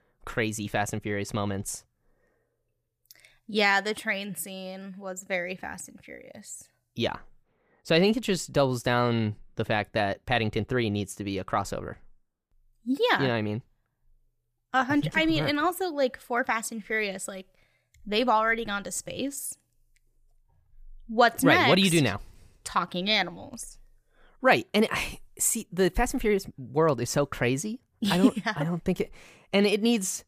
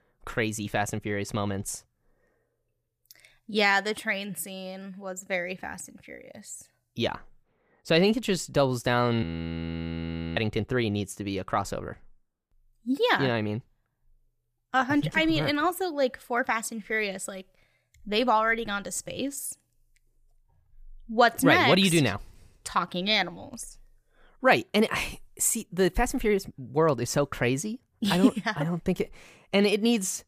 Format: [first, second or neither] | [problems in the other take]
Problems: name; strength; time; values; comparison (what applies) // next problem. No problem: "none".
first | audio freezing; at 9 s for 1 s